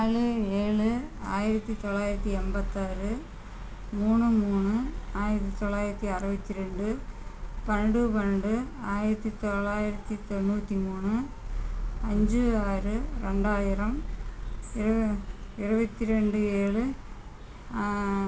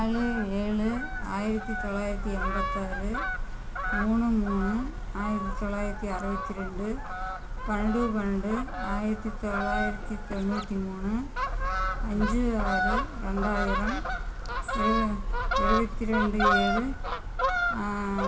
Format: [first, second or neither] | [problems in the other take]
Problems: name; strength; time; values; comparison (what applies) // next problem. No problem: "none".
first | background sound (Fowl); 2 dB below the speech